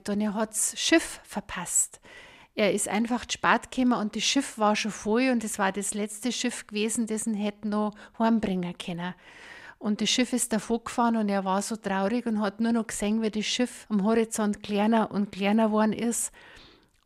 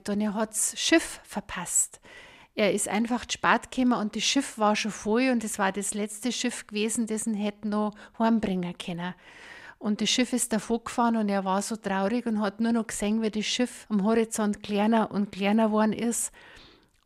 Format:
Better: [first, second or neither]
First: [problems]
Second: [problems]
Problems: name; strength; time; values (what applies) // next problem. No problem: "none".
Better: neither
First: none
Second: none